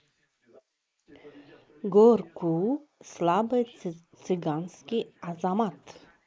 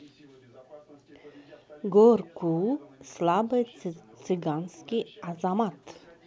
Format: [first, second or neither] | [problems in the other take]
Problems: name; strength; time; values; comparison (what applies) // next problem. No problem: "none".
second | noise reduction (neural mask model Resemble Enhance denoiser)